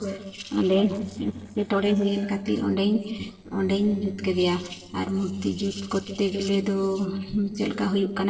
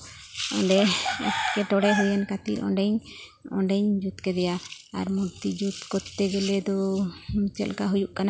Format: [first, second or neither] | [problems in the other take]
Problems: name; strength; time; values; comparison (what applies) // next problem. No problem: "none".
second | noise reduction (neural separator model SepFormer DNS4)